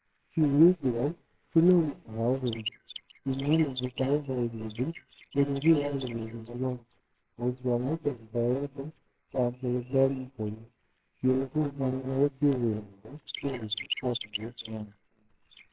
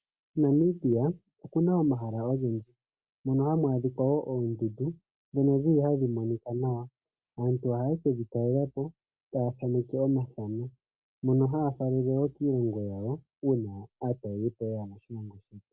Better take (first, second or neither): second